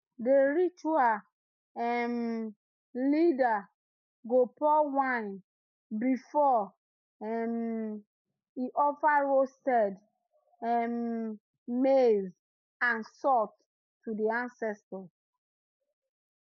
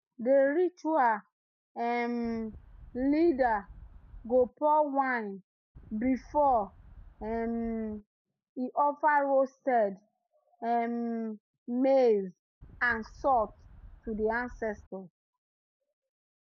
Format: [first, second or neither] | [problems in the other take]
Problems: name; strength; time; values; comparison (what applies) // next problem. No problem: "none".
first | background sound (Wind); 20 dB below the speech